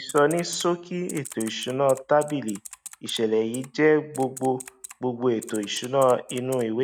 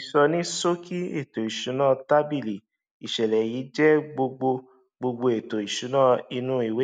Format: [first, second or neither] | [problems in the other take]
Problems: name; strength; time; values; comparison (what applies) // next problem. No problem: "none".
second | background sound (Typing); 19 dB below the speech